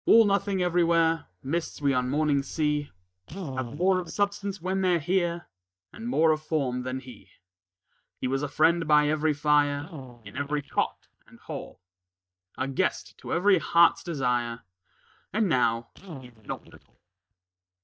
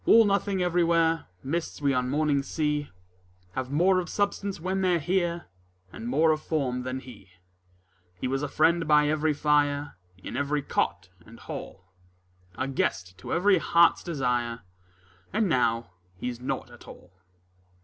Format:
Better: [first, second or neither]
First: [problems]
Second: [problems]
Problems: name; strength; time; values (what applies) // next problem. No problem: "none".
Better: second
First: noise reduction (neural mask model DeepFilterNet 3)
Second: none